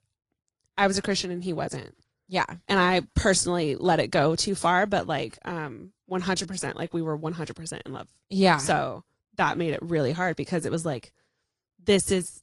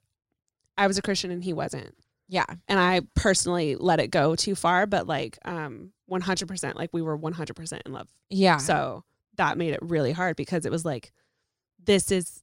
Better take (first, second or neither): second